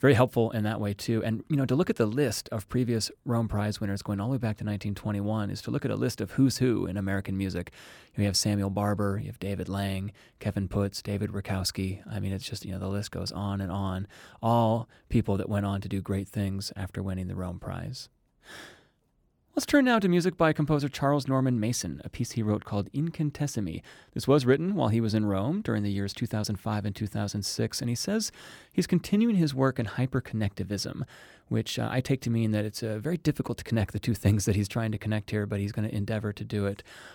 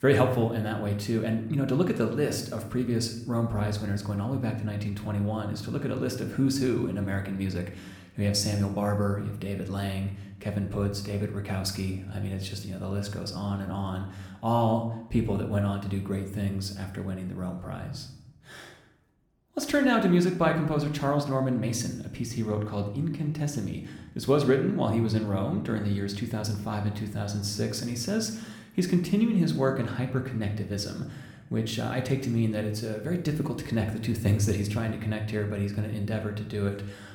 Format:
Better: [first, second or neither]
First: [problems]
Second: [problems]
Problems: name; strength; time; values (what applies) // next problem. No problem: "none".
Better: first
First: none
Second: room echo; slight; dies away in 0.7 s